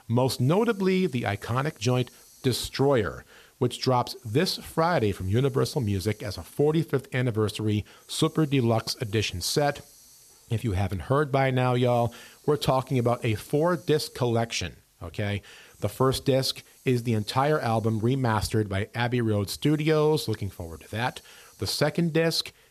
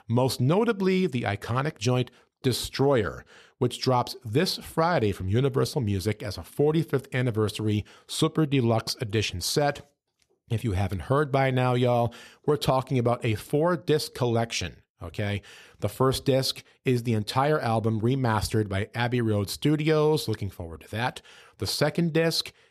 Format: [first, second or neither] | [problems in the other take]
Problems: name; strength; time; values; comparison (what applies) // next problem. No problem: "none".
second | hiss; faint; throughout; 25 dB below the speech